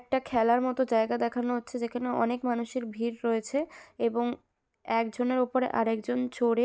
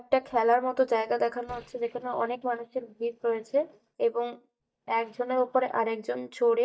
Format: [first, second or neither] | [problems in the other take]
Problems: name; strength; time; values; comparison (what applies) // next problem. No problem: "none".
first | noise reduction (neural mask model DeepFilterNet 3)